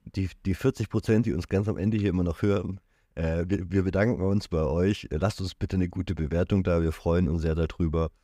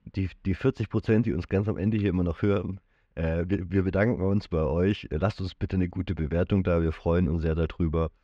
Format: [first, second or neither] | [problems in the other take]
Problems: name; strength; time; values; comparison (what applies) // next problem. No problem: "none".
first | muffled; very slightly; fading above 3 kHz